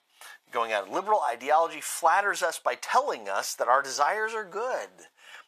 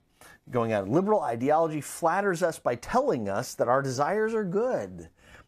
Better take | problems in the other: second | thin; very; fading below 900 Hz

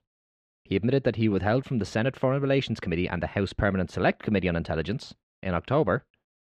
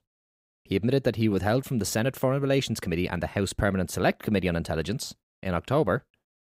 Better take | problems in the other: second | muffled; slightly; fading above 3 kHz

